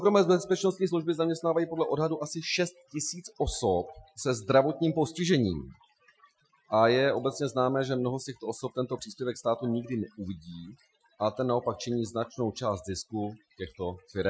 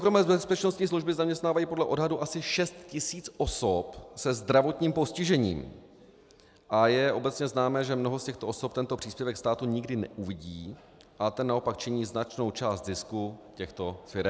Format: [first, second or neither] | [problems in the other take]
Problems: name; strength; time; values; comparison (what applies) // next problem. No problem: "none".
second | noise reduction (classical method Wiener filter)